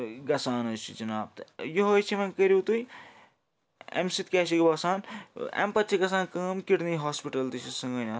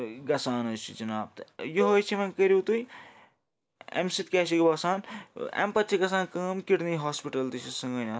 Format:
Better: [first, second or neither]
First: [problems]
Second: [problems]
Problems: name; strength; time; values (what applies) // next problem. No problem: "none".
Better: first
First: none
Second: noise reduction (neural mask model Resemble Enhance denoiser)